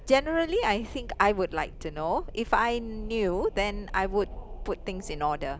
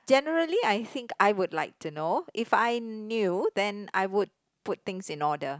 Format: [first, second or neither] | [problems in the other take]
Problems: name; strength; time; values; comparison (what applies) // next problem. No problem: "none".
second | background sound (Wind); 11 dB below the speech